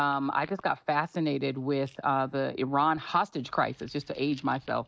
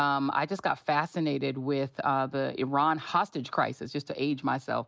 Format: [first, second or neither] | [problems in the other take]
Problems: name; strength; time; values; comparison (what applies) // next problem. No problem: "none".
second | noise reduction (neural mask model DeepFilterNet 3)